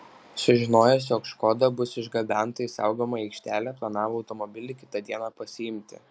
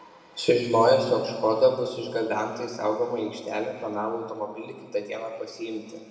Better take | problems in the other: first | room echo; dies away in 2 s

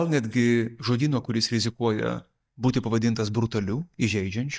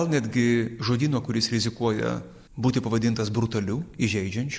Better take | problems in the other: second | noise reduction (neural mask model DeepFilterNet 3)

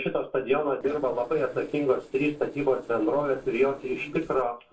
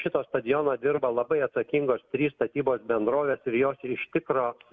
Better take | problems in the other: second | noise reduction (neural separator model SepFormer DNS4)

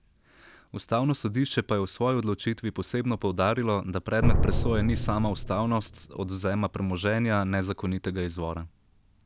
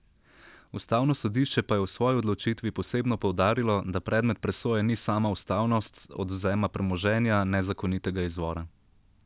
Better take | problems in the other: second | background sound (Drum); 1 dB above the speech

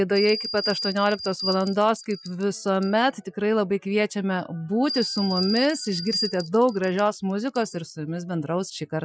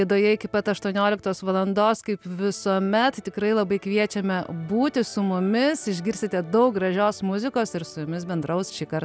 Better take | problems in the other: second | noise reduction (classical method Wiener filter)

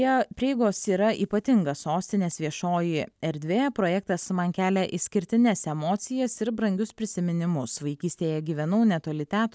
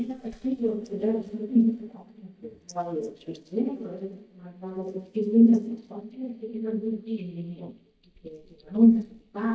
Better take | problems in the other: first | noise reduction (neural mask model DeepFilterNet 3)

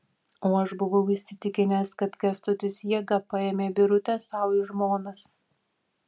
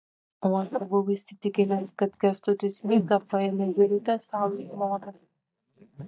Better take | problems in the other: first | noise reduction (neural mask model DeepFilterNet 3)

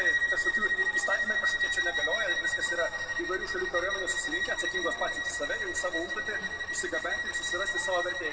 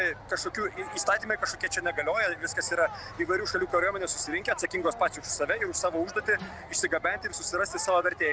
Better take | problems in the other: second | background sound (Bowed string instrument); 4 dB above the speech // room echo; dies away in 1.4 s

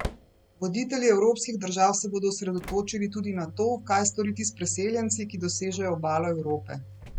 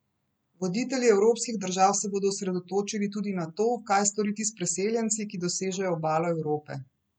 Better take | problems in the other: second | background sound (Slam / Engine); 15 dB below the speech

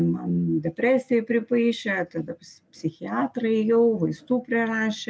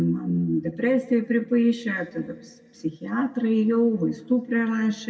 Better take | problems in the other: first | room echo; dies away in 1.7 s

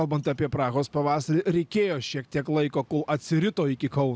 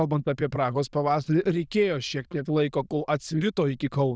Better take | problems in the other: first | noise reduction (neural diffusion model UNIVERSE++)

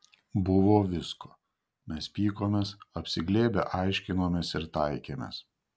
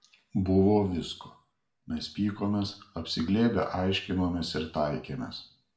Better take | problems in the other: first | room echo; dies away in 0.4 s

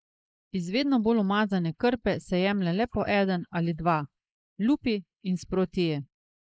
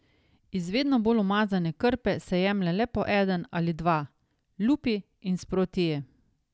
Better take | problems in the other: second | noise reduction (neural mask model Resemble Enhance denoiser)

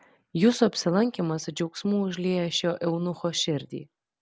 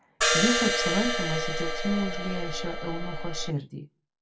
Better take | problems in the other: first | background sound (Crash cymbal); 4 dB above the speech // room echo; dies away in 0.2 s

